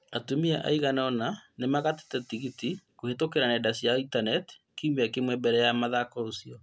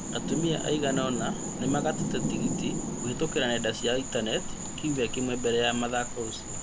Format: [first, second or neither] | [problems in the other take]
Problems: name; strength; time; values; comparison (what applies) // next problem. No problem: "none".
first | background sound (Rain + Insect); 3 dB below the speech